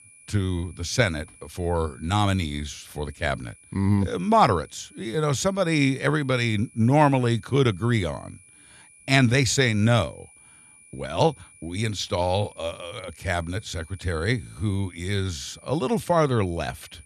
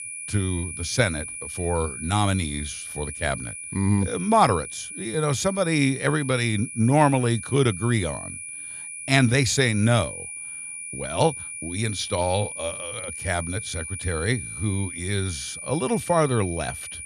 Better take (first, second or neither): first